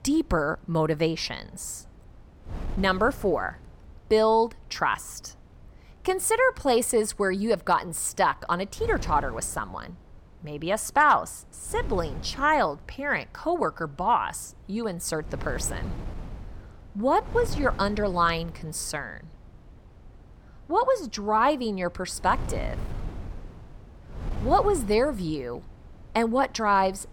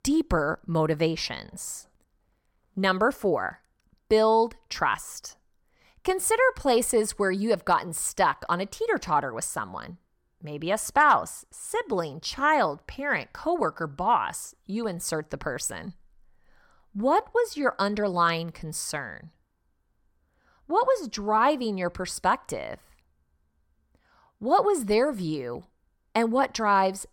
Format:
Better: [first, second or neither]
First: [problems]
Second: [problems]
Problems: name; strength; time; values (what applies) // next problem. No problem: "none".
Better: second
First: wind noise on the microphone; occasional gusts; 25 dB below the speech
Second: none